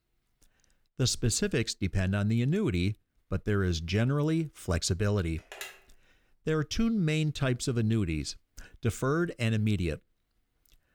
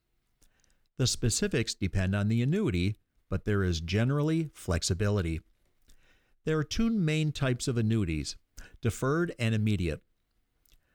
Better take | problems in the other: second | phone ringing; faint; at 5.5 s; peak 15 dB below the speech

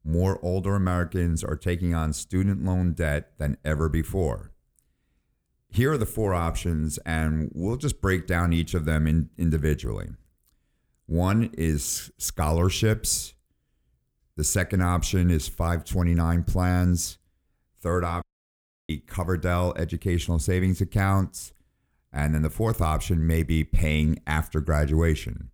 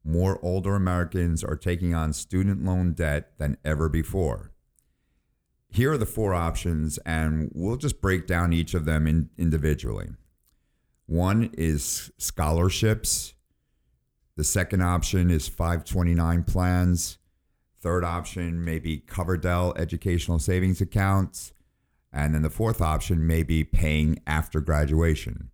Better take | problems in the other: second | audio cutting out; at 18 s for 0.5 s

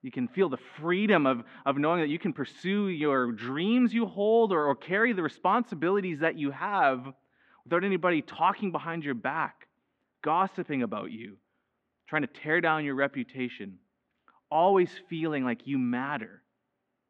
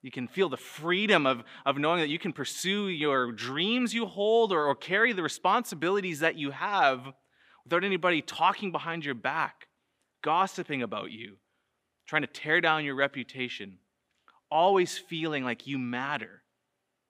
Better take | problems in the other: second | muffled; very; fading above 2 kHz

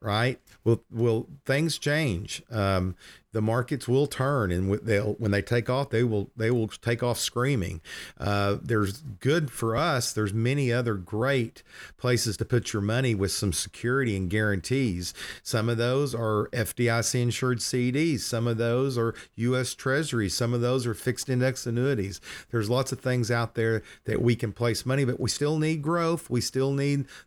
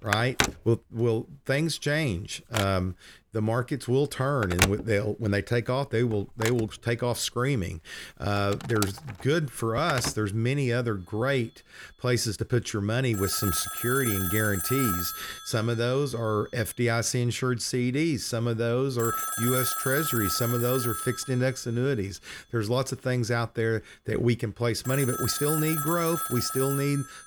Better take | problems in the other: first | alarms or sirens; loud; throughout; 3 dB below the speech

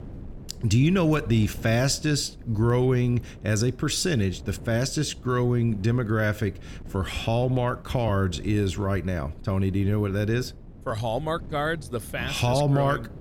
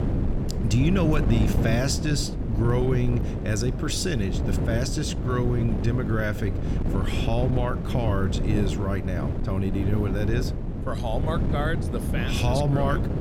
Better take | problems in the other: first | wind noise on the microphone; heavy; 6 dB below the speech; occasional gusts in the first

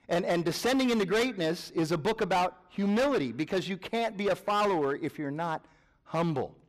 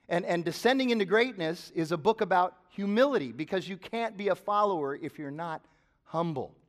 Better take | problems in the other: second | distortion; heavy; 15% of the sound clipped

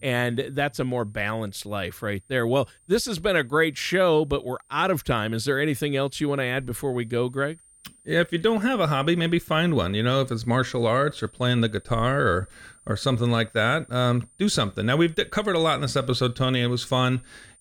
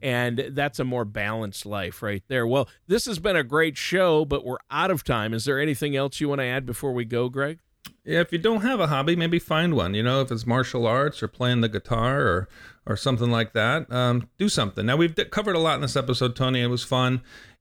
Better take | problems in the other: second | high-pitched whine; faint; throughout; 9 kHz, 30 dB below the speech

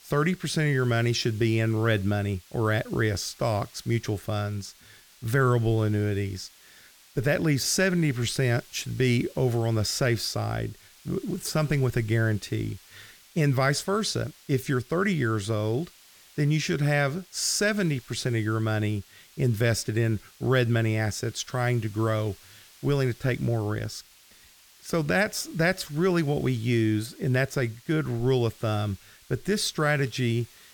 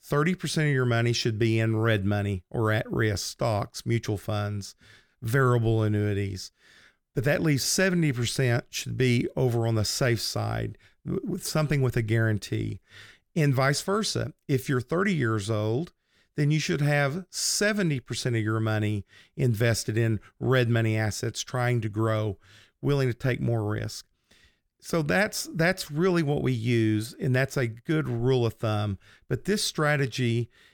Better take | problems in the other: second | hiss; faint; throughout; 25 dB below the speech

